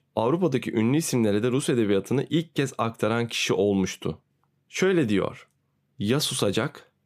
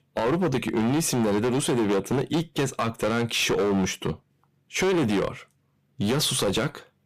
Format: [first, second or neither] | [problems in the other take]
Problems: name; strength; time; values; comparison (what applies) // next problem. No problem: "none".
first | distortion; heavy; 18% of the sound clipped